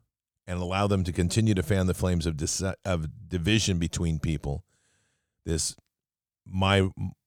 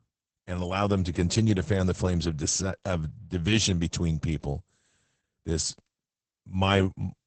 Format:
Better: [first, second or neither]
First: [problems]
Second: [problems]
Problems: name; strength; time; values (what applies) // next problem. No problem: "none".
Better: first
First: none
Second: garbled, watery; badly; nothing above 8 kHz